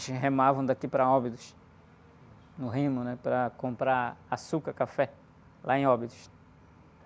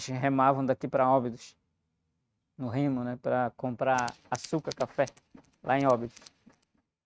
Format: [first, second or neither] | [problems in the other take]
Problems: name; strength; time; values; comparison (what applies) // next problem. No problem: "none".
first | noise reduction (neural mask model RNNoise)